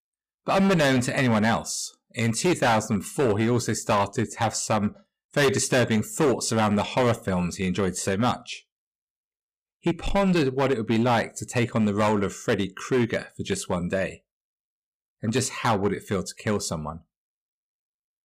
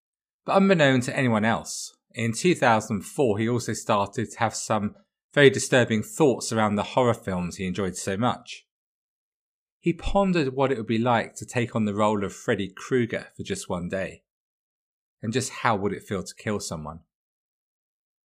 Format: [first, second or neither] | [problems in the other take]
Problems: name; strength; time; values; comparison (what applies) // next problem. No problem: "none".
second | distortion; heavy; 8% of the sound clipped